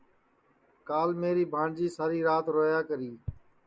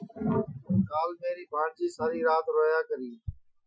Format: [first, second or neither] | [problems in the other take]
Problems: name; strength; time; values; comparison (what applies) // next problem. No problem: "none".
first | noise reduction (classical method Wiener filter)